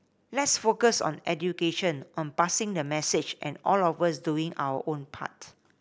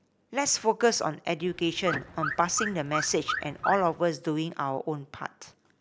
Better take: first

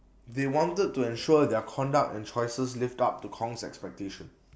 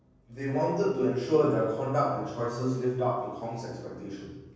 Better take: first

